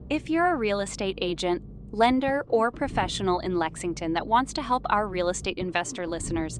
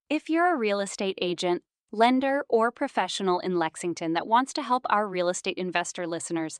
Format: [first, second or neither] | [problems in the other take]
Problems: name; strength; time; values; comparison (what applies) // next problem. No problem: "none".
second | low rumble; faint; throughout; 25 dB below the speech